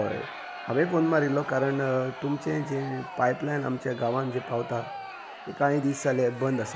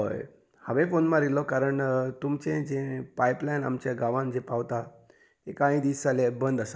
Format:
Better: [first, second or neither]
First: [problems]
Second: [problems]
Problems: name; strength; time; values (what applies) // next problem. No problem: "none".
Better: second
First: background sound (Crowd); 13 dB below the speech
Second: none